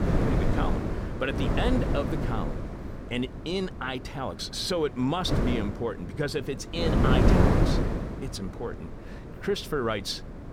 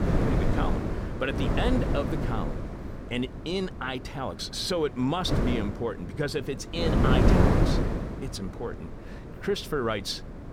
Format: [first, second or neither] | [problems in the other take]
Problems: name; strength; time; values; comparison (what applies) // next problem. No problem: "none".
neither | wind noise on the microphone; heavy; as loud as the speech; the same in both